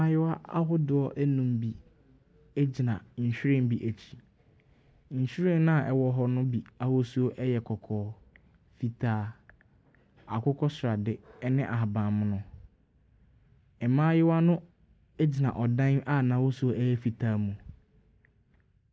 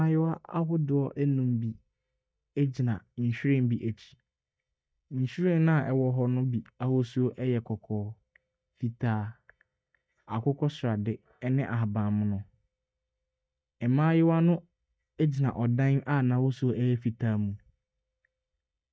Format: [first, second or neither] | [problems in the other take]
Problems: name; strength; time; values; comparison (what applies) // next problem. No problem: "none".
first | noise reduction (neural mask model DeepFilterNet 3)